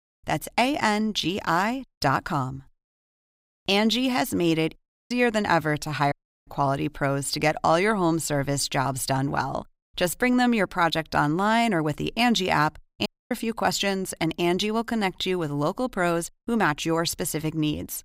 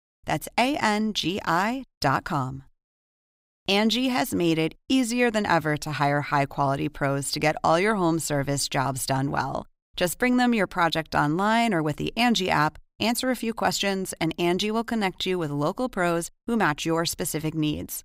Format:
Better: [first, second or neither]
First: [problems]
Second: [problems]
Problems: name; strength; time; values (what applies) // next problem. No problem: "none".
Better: second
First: audio cutting out; at 5 s, at 6 s and at 13 s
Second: none